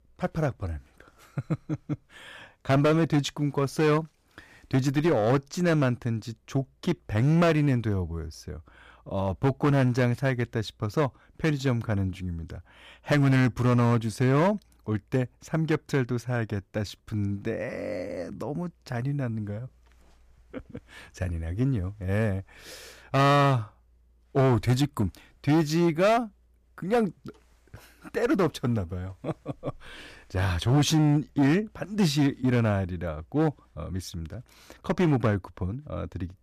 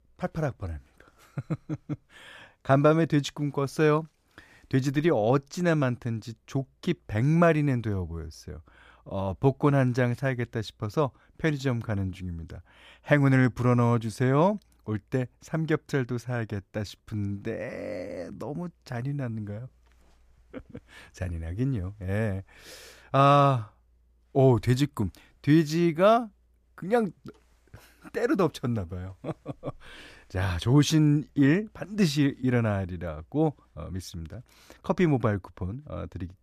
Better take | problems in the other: second | distortion; slight; 6% of the sound clipped

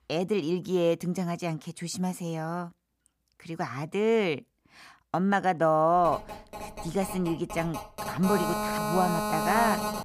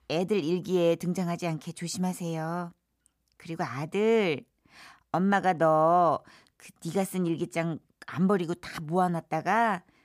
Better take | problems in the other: second | phone ringing; loud; from 6 s on; peak level with the speech

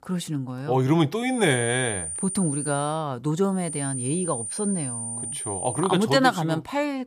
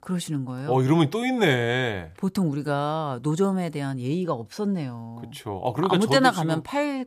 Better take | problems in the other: second | high-pitched whine; loud; from 1.5 to 3 s and from 3.5 to 6 s; 9 kHz, 5 dB below the speech

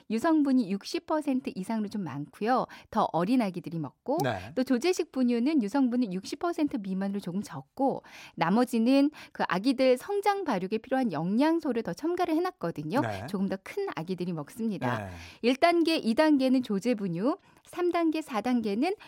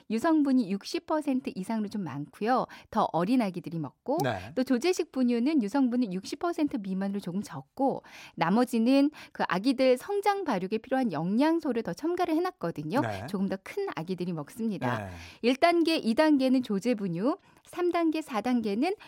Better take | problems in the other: neither | none

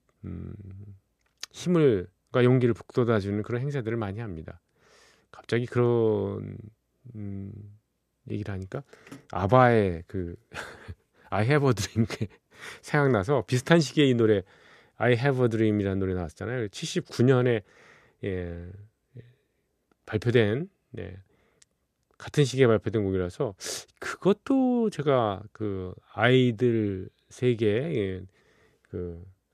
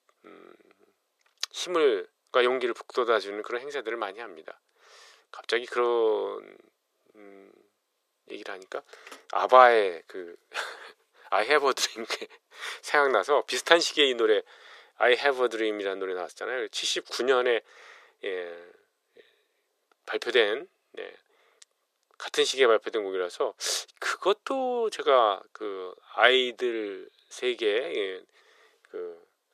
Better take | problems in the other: first | thin; very; fading below 450 Hz

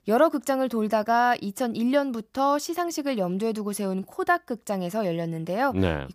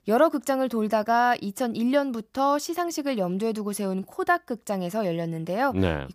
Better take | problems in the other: neither | none

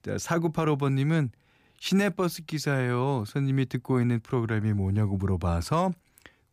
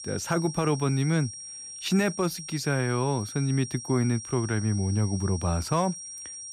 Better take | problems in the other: first | high-pitched whine; noticeable; throughout; 5.5 kHz, 10 dB below the speech

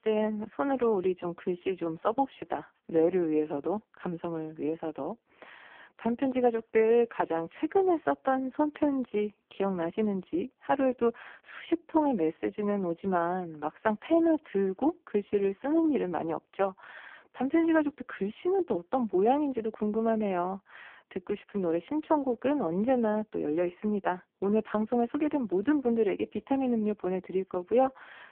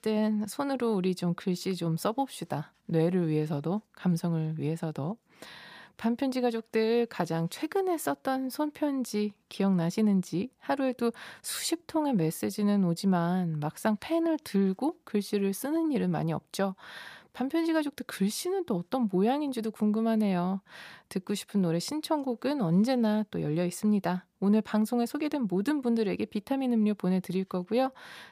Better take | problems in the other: second | phone-call audio; poor line

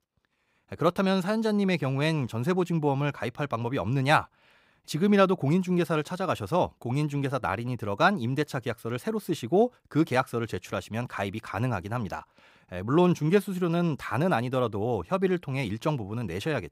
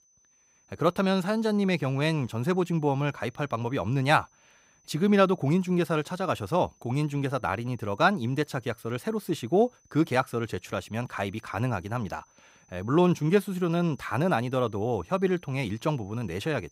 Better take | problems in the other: first | high-pitched whine; faint; throughout; 6 kHz, 35 dB below the speech

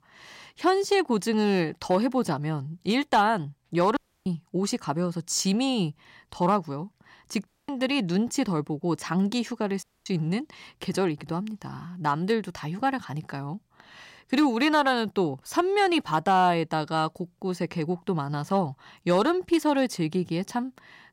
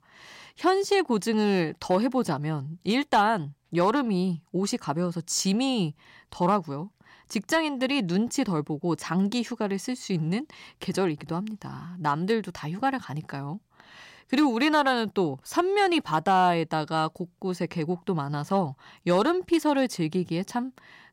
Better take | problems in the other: second | audio cutting out; at 4 s, at 7.5 s and at 10 s

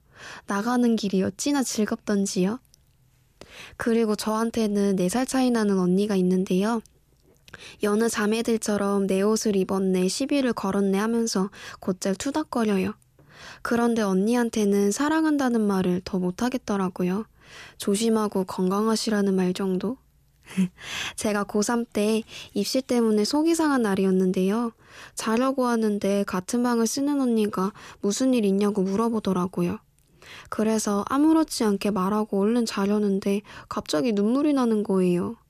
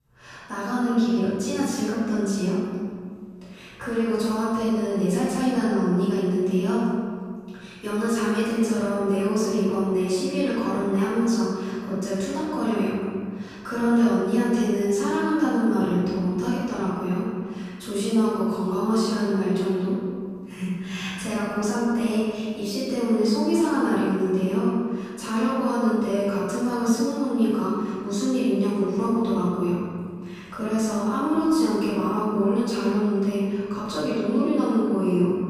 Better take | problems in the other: first | off-mic speech; far // room echo; strong; dies away in 1.9 s

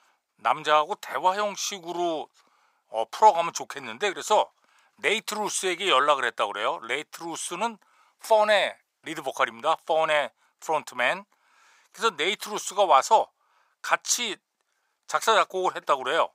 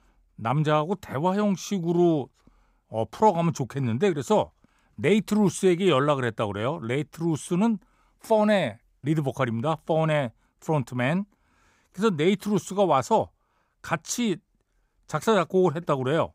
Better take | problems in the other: second | thin; very; fading below 850 Hz

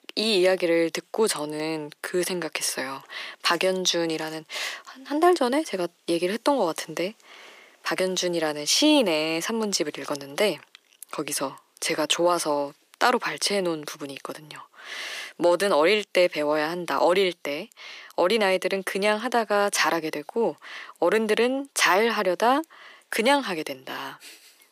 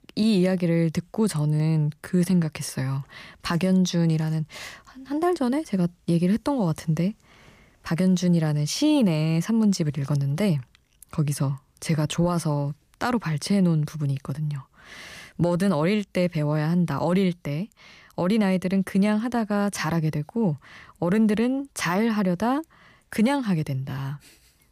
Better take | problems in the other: second | thin; very; fading below 350 Hz

